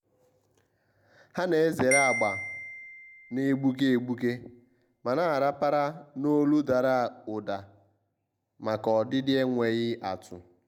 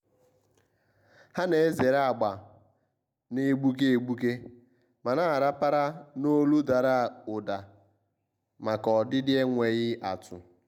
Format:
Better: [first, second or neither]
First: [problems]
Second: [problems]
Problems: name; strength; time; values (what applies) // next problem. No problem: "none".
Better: second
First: background sound (Marimba, xylophone); 7 dB below the speech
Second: none